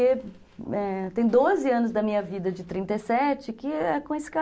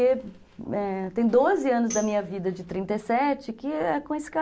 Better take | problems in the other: first | background sound (Tambourine); 17 dB below the speech

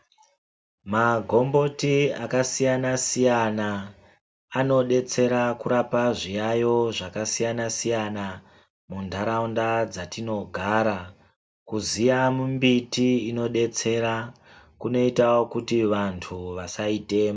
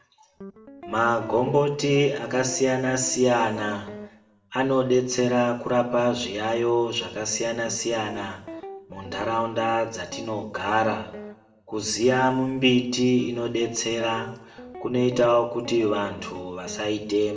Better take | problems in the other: first | background sound (Guitar); 16 dB below the speech // room echo; dies away in 0.7 s

